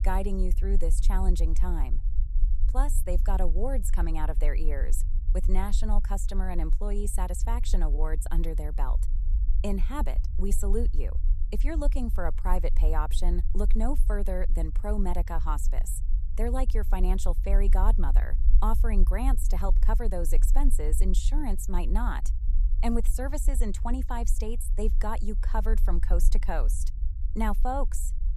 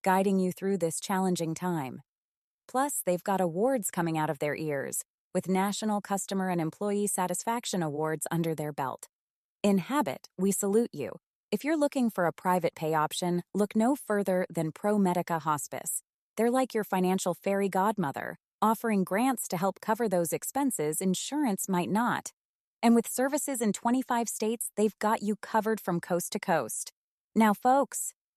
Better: second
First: low rumble; noticeable; throughout; 15 dB below the speech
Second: none

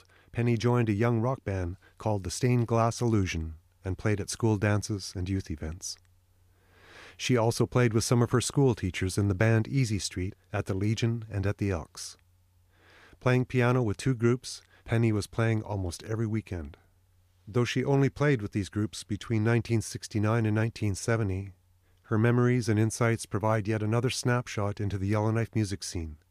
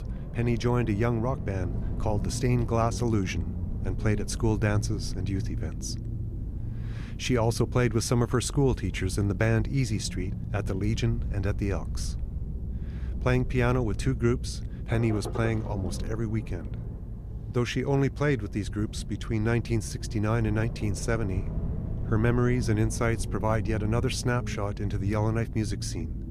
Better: first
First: none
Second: low rumble; noticeable; throughout; 15 dB below the speech

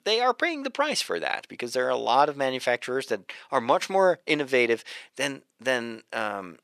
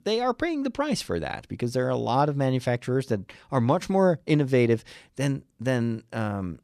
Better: second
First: thin; somewhat; fading below 500 Hz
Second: none

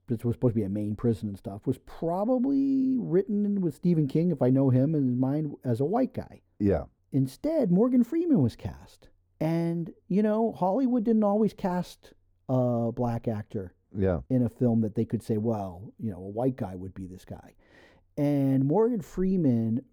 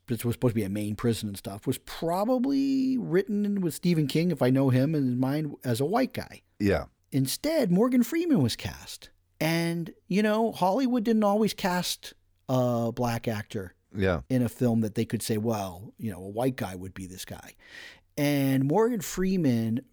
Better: second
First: muffled; very; fading above 1.5 kHz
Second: none

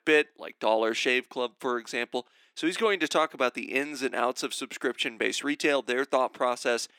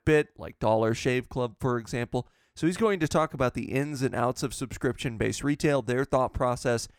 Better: second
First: thin; somewhat; fading below 250 Hz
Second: none

